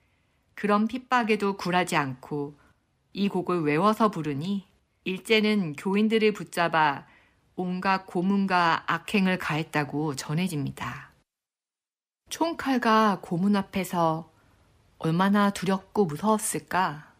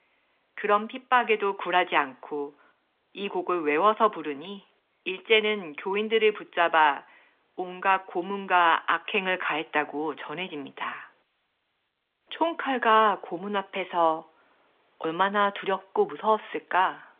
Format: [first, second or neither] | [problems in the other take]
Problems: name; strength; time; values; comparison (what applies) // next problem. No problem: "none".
first | phone-call audio; nothing above 3.5 kHz